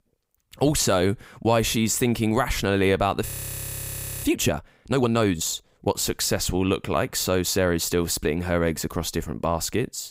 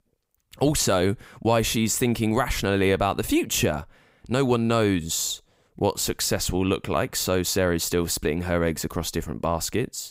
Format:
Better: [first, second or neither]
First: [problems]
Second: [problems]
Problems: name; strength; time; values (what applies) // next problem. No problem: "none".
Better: second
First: audio freezing; at 3.5 s for 1 s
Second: none